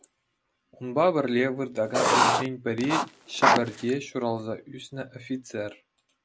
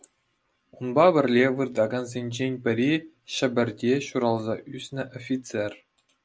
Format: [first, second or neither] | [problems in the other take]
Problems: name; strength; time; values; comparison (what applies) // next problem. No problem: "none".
second | background sound (Writing); 5 dB above the speech